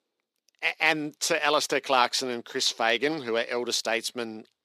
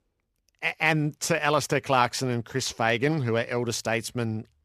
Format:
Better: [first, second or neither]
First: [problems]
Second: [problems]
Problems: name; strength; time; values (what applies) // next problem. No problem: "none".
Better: second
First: thin; somewhat; fading below 300 Hz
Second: none